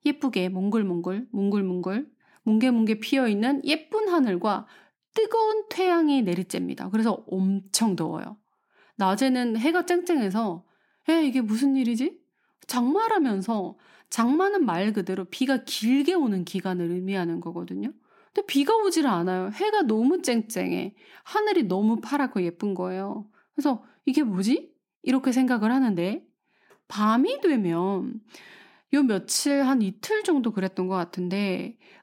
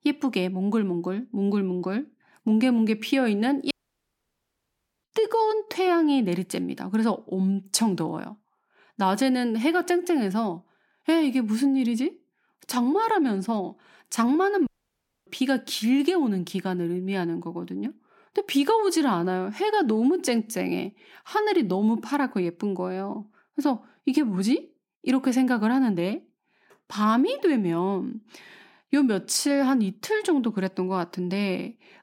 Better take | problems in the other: first | audio cutting out; at 3.5 s for 1.5 s and at 15 s for 0.5 s

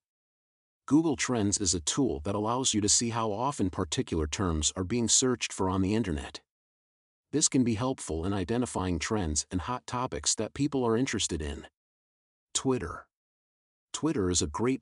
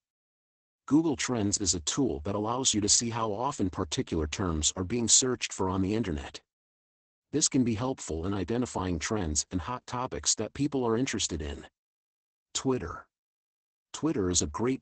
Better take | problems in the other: first | garbled, watery; badly; nothing above 8 kHz

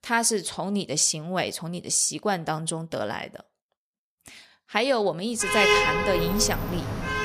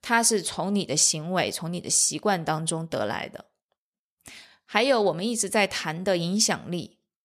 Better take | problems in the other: second | traffic noise; very loud; from 5.5 s on; 1 dB above the speech

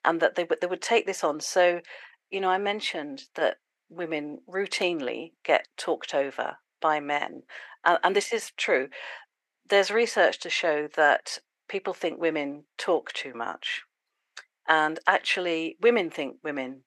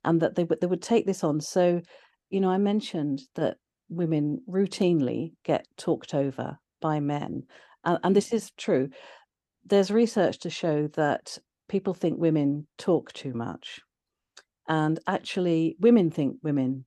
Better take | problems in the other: second | thin; very; fading below 600 Hz

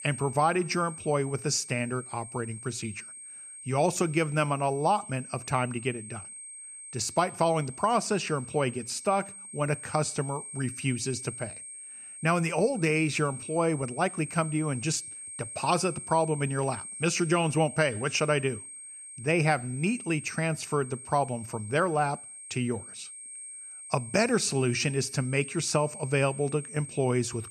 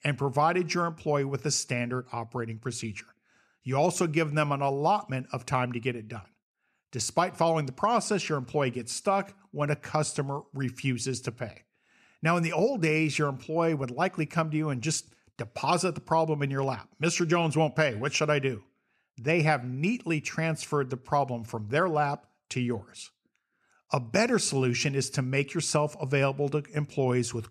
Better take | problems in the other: second | high-pitched whine; noticeable; throughout; 8.5 kHz, 10 dB below the speech

